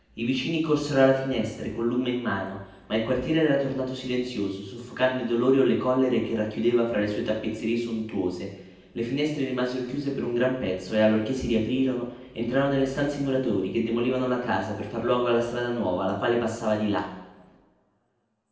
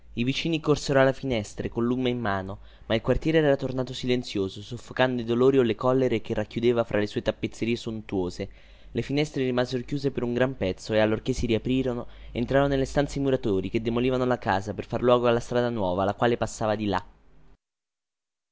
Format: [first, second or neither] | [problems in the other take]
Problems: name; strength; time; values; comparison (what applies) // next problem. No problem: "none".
second | room echo; dies away in 0.9 s